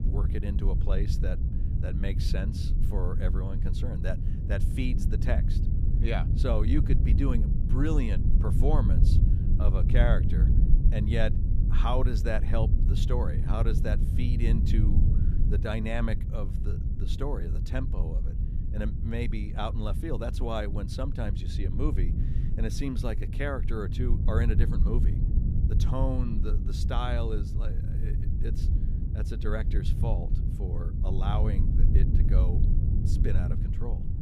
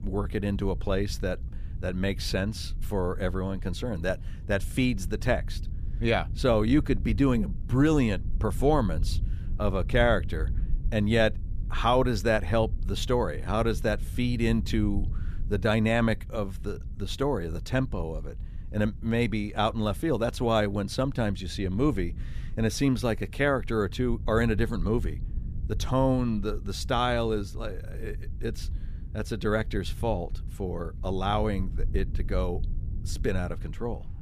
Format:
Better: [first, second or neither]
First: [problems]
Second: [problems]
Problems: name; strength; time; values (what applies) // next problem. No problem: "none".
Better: second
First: low rumble; loud; throughout; 6 dB below the speech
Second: low rumble; faint; throughout; 25 dB below the speech